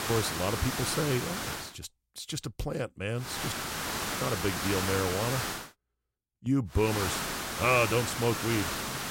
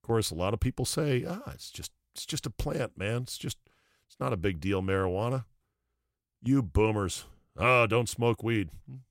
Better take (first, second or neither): second